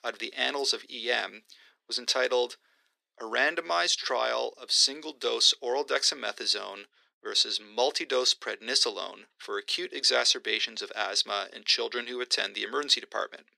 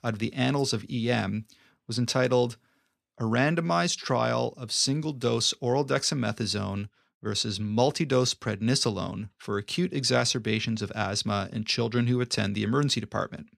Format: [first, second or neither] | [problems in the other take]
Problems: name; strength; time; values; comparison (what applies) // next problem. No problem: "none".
second | thin; very; fading below 350 Hz